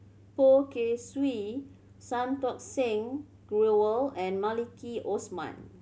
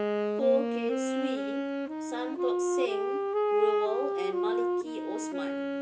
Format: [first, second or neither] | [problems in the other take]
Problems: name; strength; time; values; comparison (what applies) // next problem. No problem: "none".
first | background sound (Wind instrument, woodwind instrument); 4 dB above the speech // room echo; dies away in 0.2 s